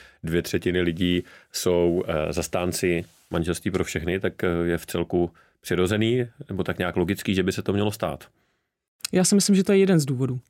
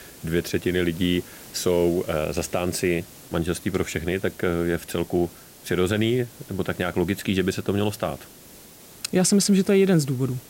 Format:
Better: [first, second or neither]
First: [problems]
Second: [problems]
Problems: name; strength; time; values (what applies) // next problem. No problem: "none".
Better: first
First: none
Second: hiss; noticeable; throughout; 20 dB below the speech